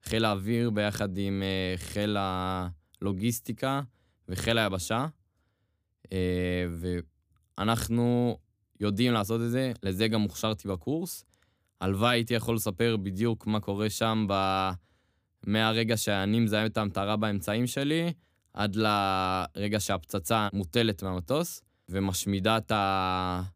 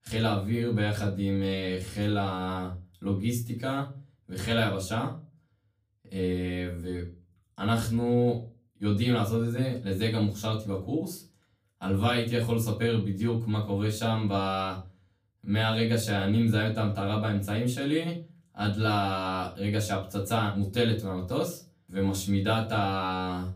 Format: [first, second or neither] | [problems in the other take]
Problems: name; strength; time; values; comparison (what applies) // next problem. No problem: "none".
first | off-mic speech; far // room echo; very slight; dies away in 0.3 s